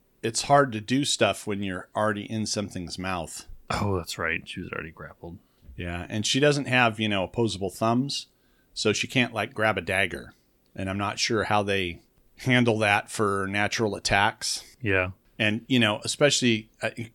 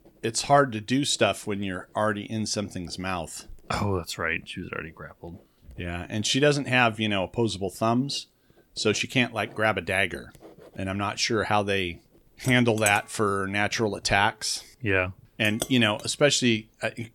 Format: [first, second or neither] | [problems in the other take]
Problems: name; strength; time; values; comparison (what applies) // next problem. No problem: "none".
first | household noises; noticeable; throughout; 15 dB below the speech